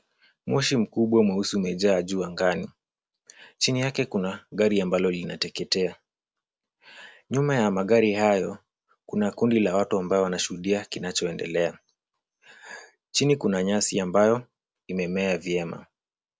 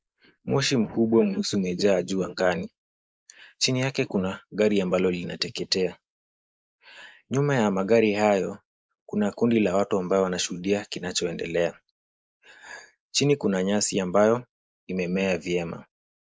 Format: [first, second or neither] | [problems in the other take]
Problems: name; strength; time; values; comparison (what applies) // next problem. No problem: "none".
first | noise reduction (neural mask model Resemble Enhance denoiser)